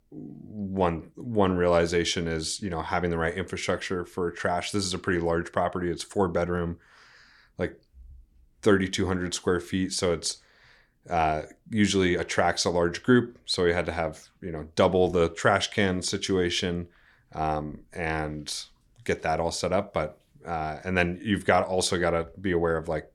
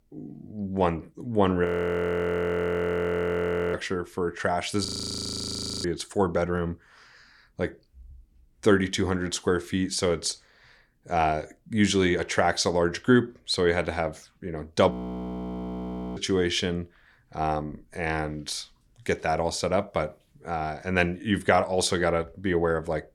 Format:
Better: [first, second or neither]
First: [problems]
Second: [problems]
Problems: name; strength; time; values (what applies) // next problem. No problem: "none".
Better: first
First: none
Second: audio freezing; at 1.5 s for 2 s, at 5 s for 1 s and at 15 s for 1.5 s